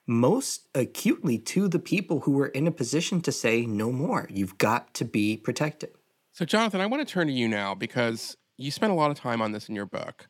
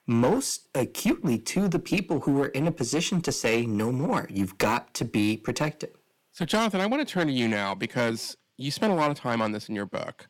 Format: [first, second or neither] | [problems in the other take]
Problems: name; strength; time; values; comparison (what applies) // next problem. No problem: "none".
first | distortion; slight; 6% of the sound clipped